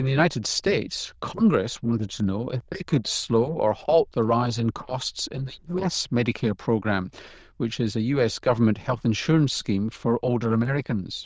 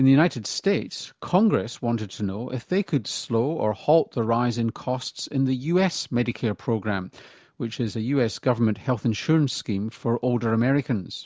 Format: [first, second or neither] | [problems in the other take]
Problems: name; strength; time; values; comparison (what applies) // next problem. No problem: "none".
second | noise reduction (neural diffusion model UNIVERSE++)